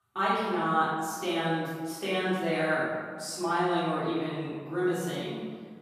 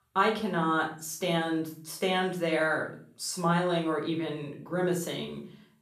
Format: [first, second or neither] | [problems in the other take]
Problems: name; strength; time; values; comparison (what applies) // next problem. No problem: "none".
second | room echo; strong; dies away in 1.5 s; slight in the second // off-mic speech; far; far in the second